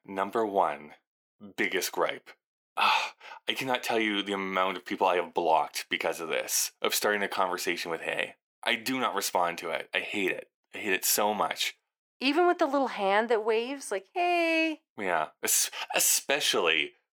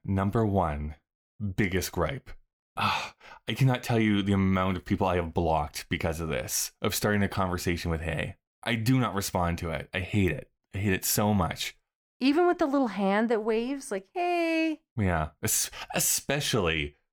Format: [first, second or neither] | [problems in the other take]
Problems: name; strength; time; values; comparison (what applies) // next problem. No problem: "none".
second | thin; somewhat; fading below 350 Hz